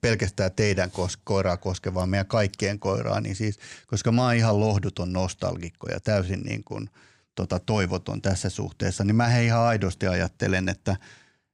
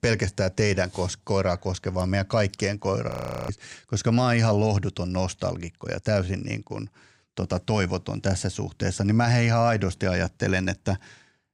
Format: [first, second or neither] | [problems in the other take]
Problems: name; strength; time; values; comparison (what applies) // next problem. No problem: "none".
first | audio freezing; at 3 s